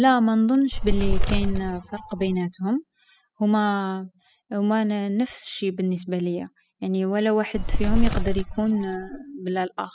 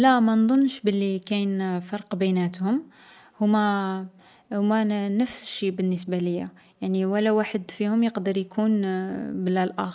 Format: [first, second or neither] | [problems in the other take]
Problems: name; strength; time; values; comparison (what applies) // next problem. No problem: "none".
second | noise reduction (classical method spectral subtraction)